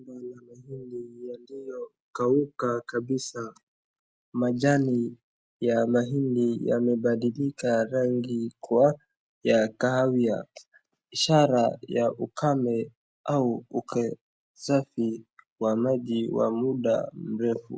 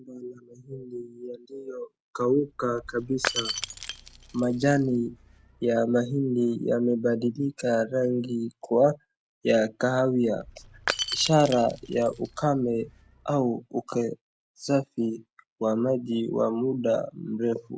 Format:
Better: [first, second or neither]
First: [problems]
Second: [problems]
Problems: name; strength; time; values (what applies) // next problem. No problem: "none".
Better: first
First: none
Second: background sound (Shatter / Crushing); 10 dB below the speech